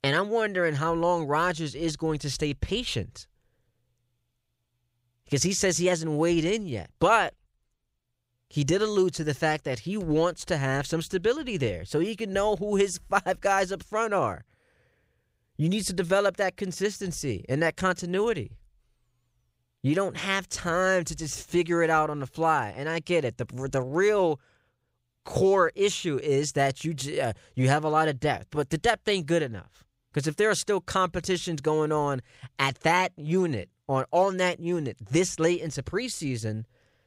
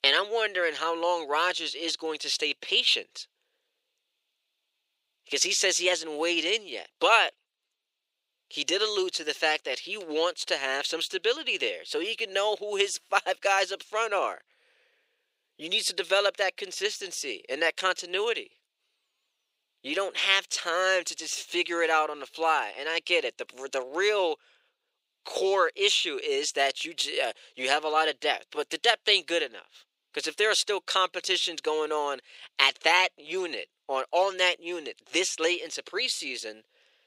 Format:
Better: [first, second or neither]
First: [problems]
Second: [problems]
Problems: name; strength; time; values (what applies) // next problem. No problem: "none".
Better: first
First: none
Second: thin; very; fading below 400 Hz